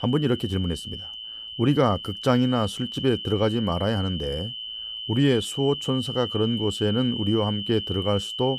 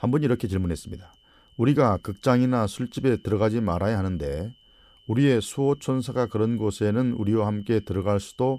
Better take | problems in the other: second | high-pitched whine; loud; throughout; 3 kHz, 7 dB below the speech; faint in the second

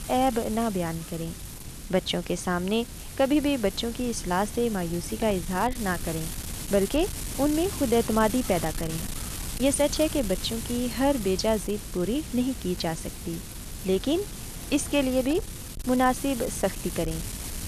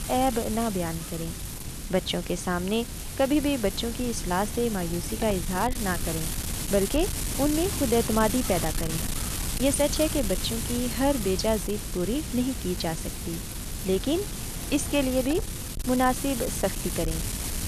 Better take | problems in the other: first | wind noise on the microphone; heavy; 7 dB below the speech; occasional gusts in the first

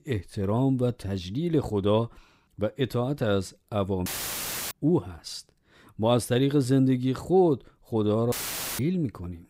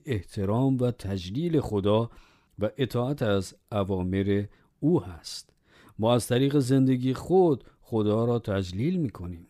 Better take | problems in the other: second | audio cutting out; filled with static; at 4 s for 0.5 s and at 8.5 s

